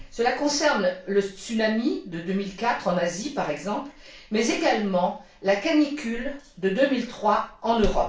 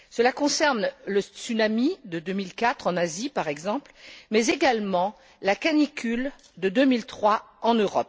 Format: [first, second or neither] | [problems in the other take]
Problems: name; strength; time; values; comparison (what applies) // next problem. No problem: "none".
second | background sound (Slam); 15 dB below the speech // room echo; dies away in 0.3 s